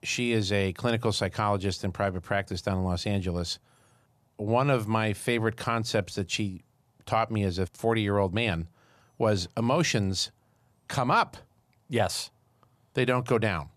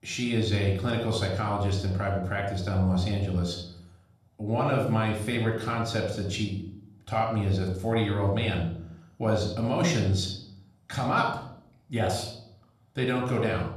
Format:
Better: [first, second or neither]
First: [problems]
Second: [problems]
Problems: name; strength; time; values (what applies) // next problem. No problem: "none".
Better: first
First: none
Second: off-mic speech; somewhat distant // room echo; noticeable; dies away in 0.6 s